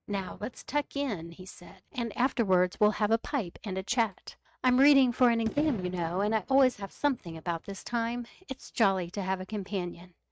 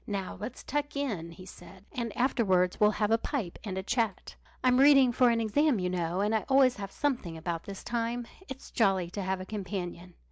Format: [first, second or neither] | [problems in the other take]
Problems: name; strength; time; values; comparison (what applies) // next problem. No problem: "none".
second | noise reduction (neural mask model RNNoise)